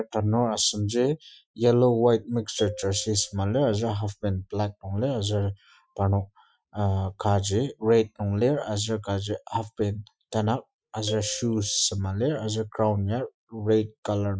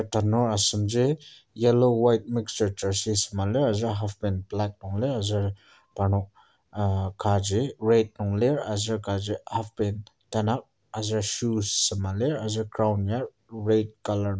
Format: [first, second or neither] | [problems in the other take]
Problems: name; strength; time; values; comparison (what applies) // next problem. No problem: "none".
second | noise reduction (classical method Wiener filter)